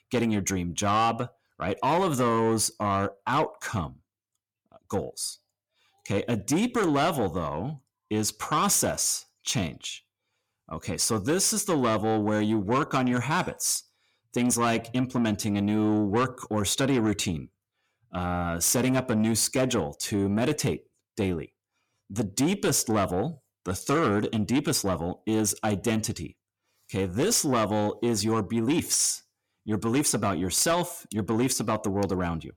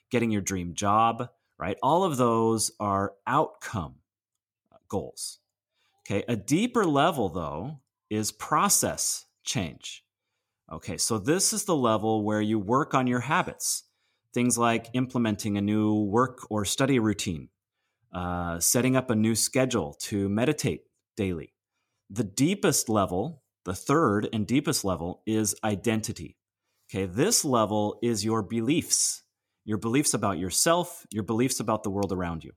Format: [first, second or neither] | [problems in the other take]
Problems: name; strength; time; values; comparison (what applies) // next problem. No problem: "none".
second | distortion; slight; 10 dB below the speech